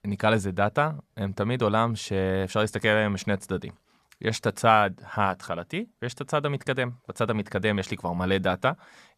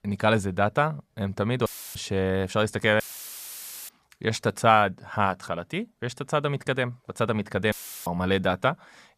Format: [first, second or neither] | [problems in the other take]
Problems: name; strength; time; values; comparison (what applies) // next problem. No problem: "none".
first | audio cutting out; filled with static; at 1.5 s, at 3 s for 1 s and at 7.5 s